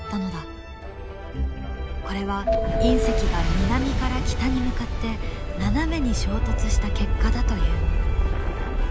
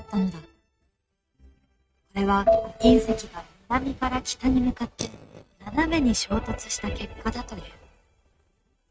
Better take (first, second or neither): first